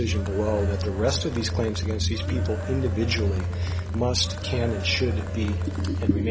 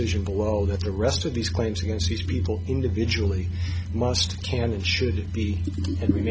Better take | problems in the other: second | background sound (Cheering); 14 dB below the speech

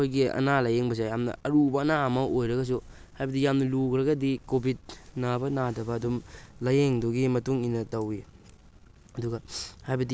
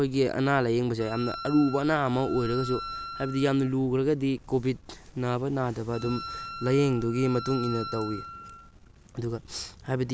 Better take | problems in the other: first | background sound (Wind instrument, woodwind instrument); 12 dB below the speech

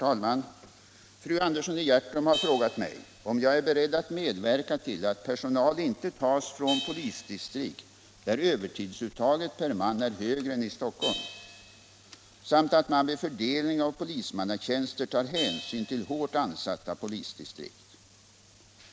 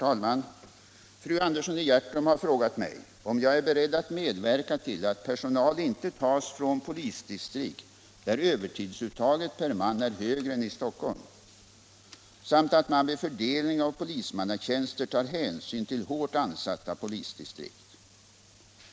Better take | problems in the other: second | background sound (Crash cymbal); 15 dB below the speech

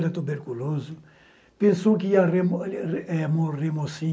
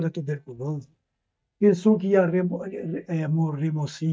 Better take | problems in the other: first | noise reduction (neural mask model DeepFilterNet 3)

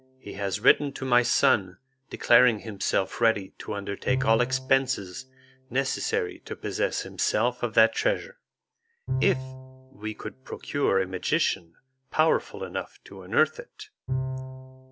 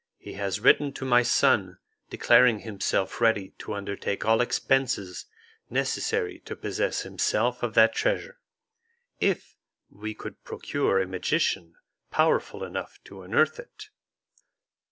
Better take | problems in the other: second | background sound (Bowed string instrument); 11 dB below the speech

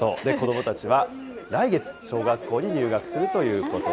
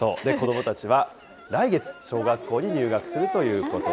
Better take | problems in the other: second | background sound (Subway, metro, underground); 15 dB below the speech

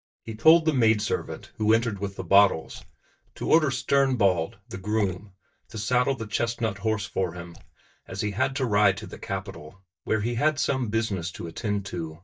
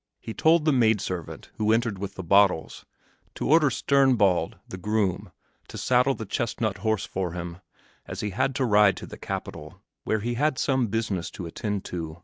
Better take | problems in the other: second | noise reduction (neural mask model DeepFilterNet 3)

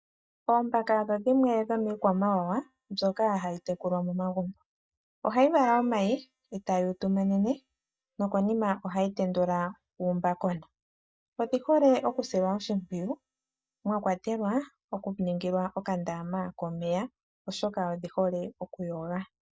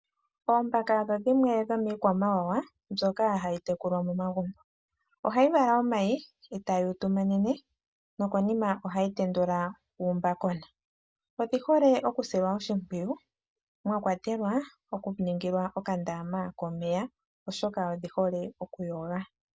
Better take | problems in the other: second | noise reduction (neural mask model DeepFilterNet 3)

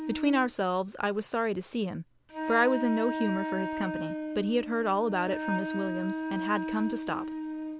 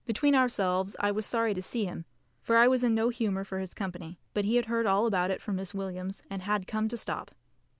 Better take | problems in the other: second | background sound (Wind instrument, woodwind instrument); 5 dB below the speech

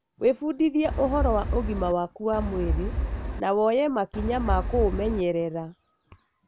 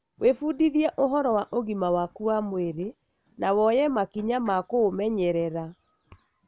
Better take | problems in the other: second | background sound (Wind); 2 dB below the speech

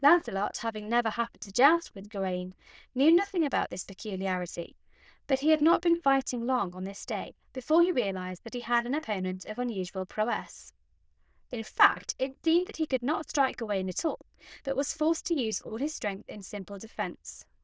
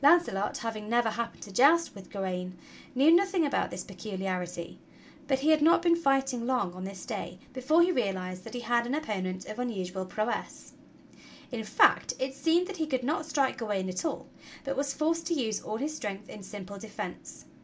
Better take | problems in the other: second | noise reduction (neural diffusion model UNIVERSE++)

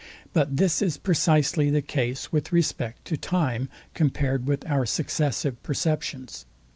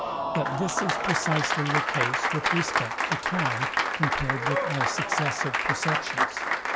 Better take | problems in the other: first | background sound (Applause); 5 dB above the speech

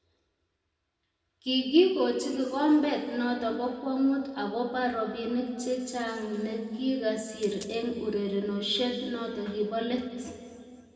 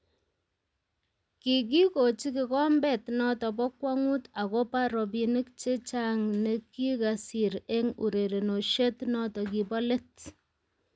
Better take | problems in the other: second | background sound (Coin (dropping)); 19 dB below the speech // room echo; dies away in 1.9 s

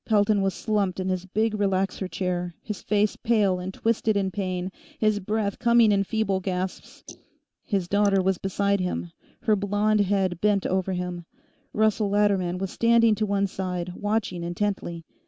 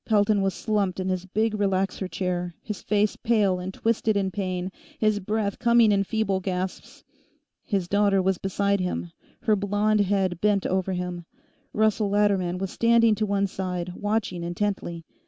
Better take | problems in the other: second | noise reduction (neural mask model Resemble Enhance denoiser)

